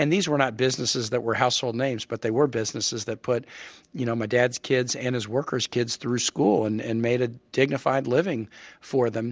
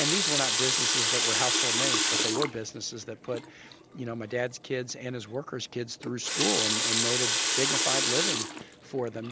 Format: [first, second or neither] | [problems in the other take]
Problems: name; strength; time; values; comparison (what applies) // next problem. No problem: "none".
first | background sound (Water tap, faucet); 5 dB above the speech